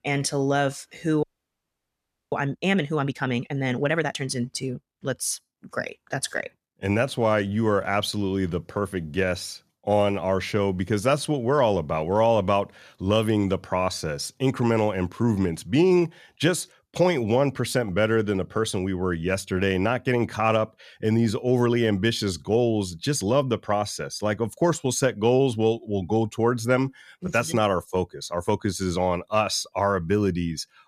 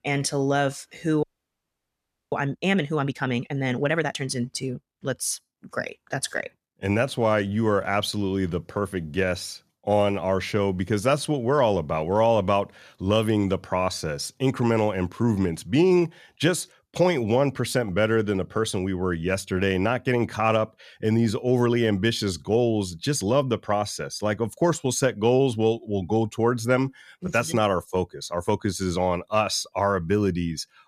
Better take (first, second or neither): neither